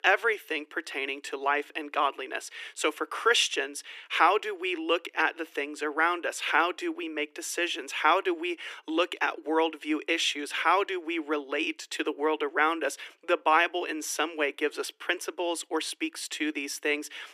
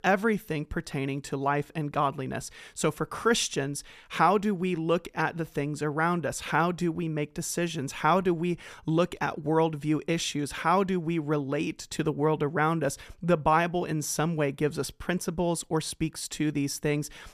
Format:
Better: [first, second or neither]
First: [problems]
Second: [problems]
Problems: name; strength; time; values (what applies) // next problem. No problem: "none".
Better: second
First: thin; very; fading below 300 Hz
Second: none